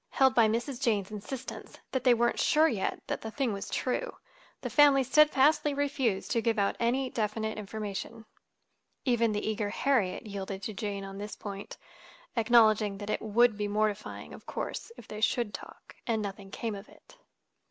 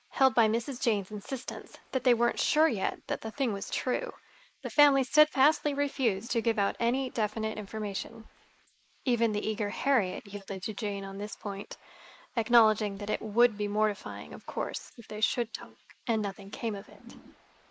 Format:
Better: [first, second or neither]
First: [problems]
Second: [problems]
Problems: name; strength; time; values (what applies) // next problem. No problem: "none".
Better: first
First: none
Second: noise reduction (neural mask model Resemble Enhance denoiser)